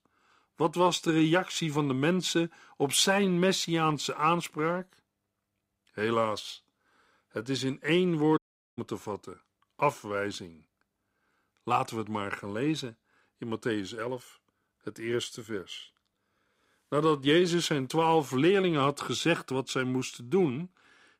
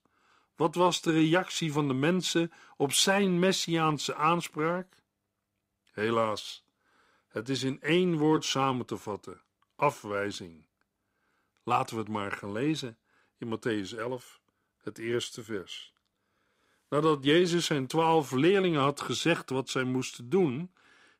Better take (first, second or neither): second